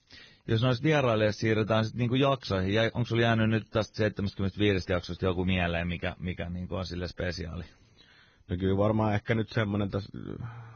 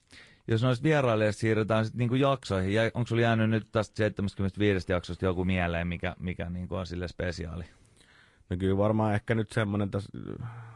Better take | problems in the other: second | garbled, watery; badly; nothing above 6.5 kHz; slightly in the second

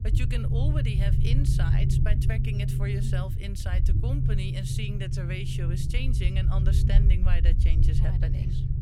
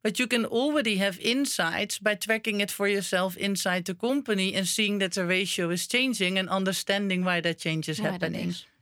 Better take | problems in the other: second | low rumble; loud; throughout; 1 dB below the speech

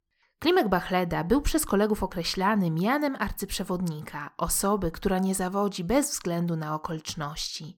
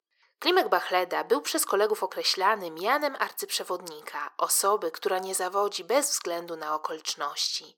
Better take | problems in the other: first | thin; very; fading below 400 Hz

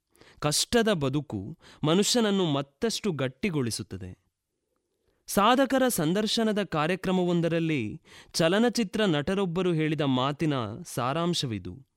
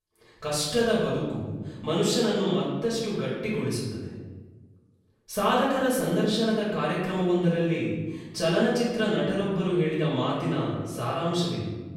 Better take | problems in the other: first | off-mic speech; far // room echo; noticeable; dies away in 1.2 s

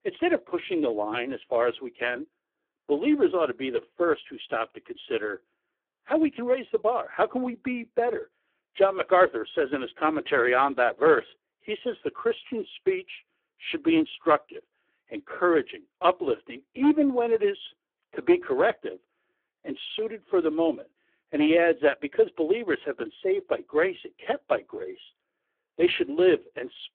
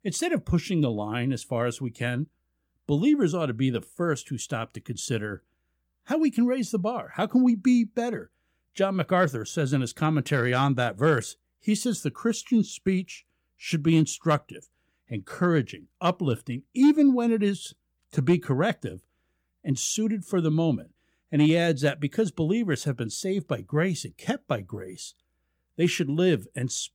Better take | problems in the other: second | phone-call audio; poor line

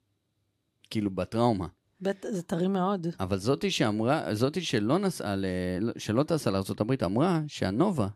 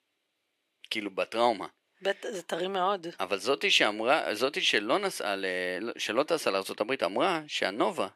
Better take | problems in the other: first | thin; very; fading below 500 Hz

